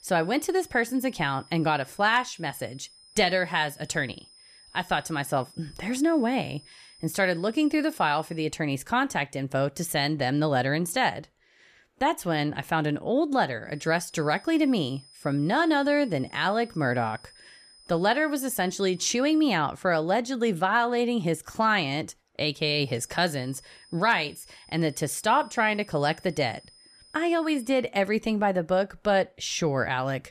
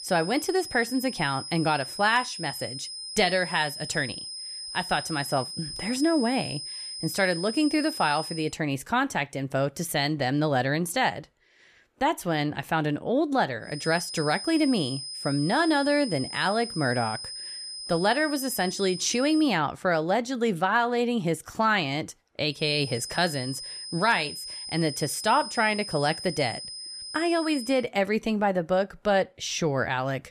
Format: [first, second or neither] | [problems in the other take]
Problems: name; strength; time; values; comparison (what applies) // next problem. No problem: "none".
first | high-pitched whine; loud; until 8.5 s, from 14 to 19 s and from 23 to 28 s; 5 kHz, 9 dB below the speech; faint in the first